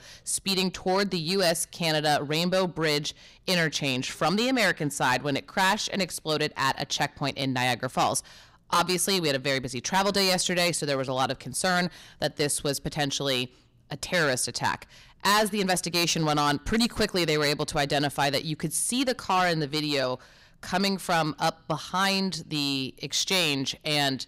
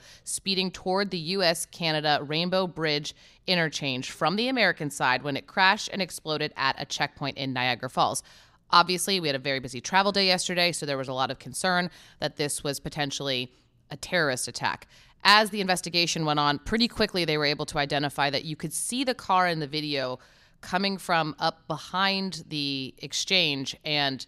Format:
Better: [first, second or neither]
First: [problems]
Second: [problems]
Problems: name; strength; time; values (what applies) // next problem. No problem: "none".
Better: second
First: distortion; heavy; 6% of the sound clipped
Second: none